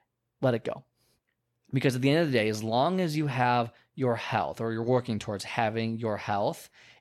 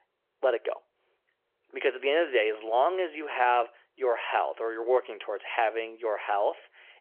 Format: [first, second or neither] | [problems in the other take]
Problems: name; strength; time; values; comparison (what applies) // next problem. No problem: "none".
first | phone-call audio